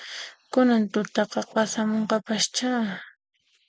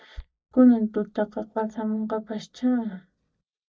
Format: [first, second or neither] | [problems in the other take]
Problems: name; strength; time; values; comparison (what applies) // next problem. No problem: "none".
first | noise reduction (neural mask model DeepFilterNet 3)